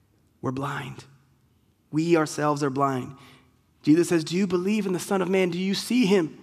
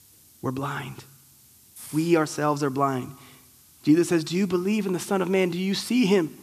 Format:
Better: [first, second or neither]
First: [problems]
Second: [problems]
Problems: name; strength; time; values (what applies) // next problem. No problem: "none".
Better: first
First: none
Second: hiss; faint; throughout; 25 dB below the speech